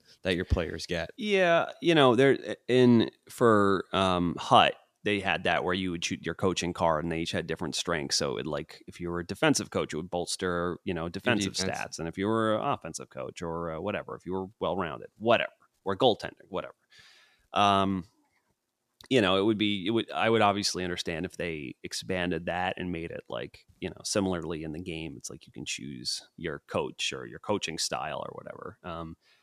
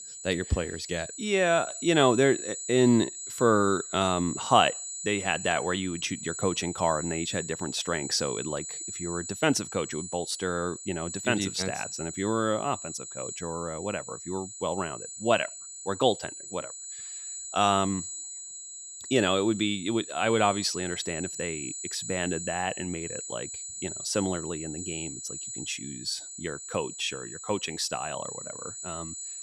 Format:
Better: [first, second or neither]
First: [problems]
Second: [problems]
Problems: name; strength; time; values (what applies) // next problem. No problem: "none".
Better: first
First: none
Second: high-pitched whine; loud; throughout; 8 kHz, 8 dB below the speech